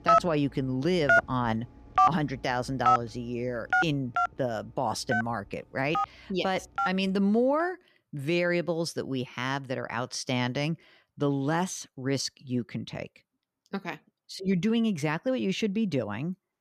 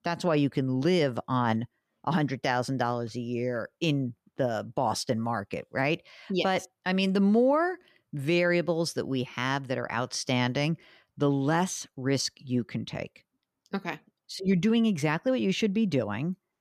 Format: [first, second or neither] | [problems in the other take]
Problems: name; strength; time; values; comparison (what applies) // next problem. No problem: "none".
second | alarms or sirens; very loud; until 7.5 s; 3 dB above the speech